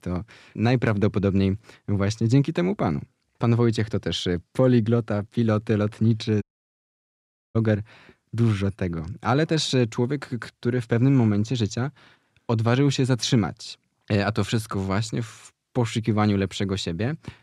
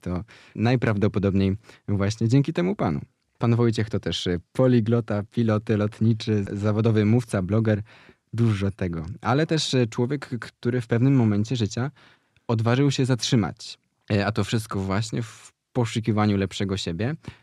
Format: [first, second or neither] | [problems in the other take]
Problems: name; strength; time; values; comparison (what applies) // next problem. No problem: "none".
second | audio cutting out; at 6.5 s for 1 s